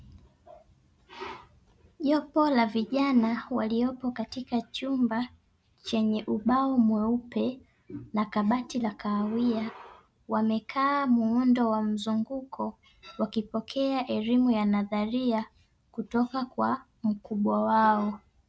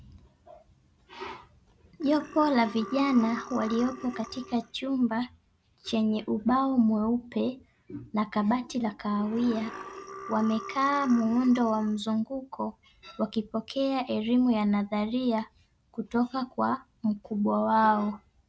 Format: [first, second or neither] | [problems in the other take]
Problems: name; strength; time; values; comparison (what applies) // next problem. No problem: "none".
first | background sound (Burping, eructation); 14 dB below the speech